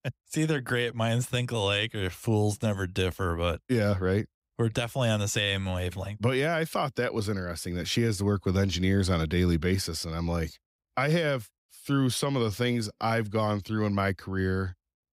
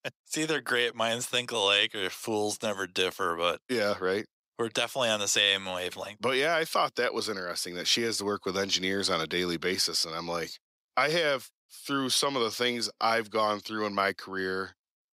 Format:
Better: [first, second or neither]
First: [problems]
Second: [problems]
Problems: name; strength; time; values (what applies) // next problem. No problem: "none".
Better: first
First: none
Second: thin; somewhat; fading below 350 Hz